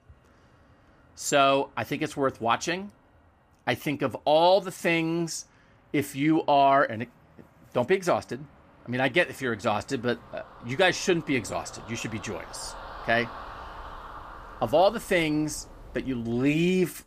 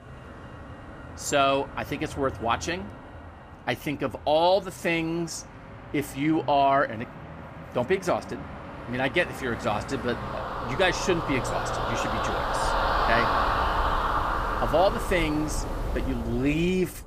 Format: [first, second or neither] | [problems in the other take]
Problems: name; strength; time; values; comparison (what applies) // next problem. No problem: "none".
first | traffic noise; loud; throughout; 3 dB below the speech; faint in the first